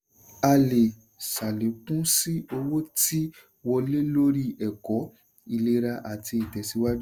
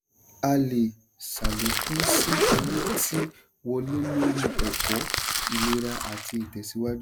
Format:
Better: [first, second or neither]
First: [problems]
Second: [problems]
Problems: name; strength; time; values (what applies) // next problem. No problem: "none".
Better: first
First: none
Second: background sound (Crumpling, crinkling + Zipper (clothing)); 1 dB above the speech